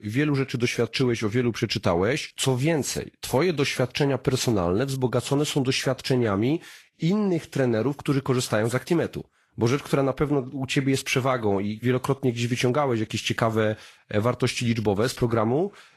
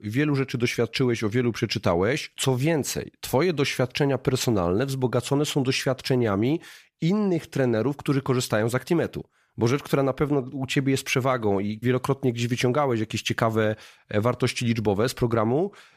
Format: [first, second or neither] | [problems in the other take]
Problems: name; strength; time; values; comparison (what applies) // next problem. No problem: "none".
second | garbled, watery; slightly; nothing above 12.5 kHz